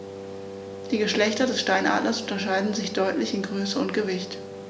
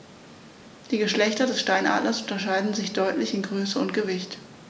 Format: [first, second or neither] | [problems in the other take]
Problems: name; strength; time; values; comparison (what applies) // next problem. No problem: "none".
second | background sound (Wind instrument, woodwind instrument); 11 dB below the speech